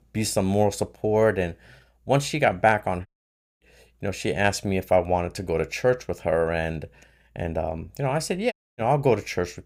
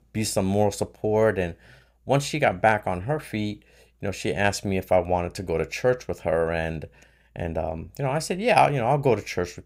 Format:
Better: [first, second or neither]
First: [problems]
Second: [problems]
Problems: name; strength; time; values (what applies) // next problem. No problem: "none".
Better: second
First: audio cutting out; at 3 s for 0.5 s and at 8.5 s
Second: none